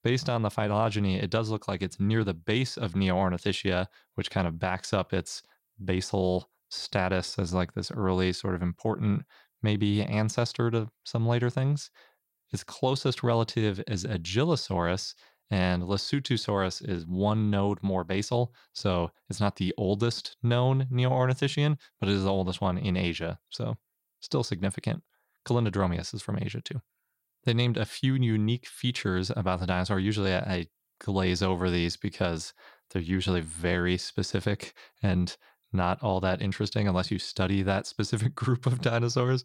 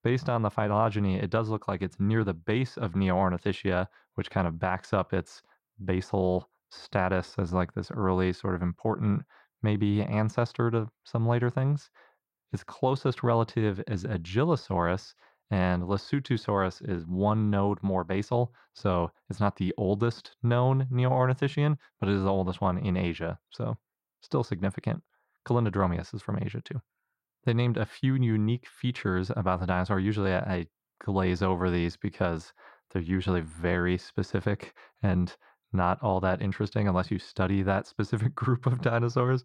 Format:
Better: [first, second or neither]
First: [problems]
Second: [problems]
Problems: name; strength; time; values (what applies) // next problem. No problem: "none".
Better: first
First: none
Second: muffled; slightly; fading above 3 kHz